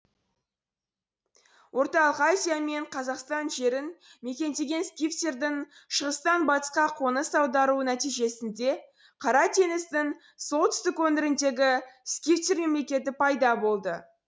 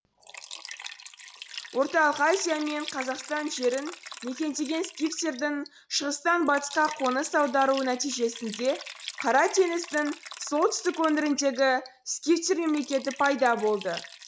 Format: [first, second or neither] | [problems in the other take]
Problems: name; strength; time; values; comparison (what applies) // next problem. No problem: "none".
first | background sound (Liquid); 16 dB below the speech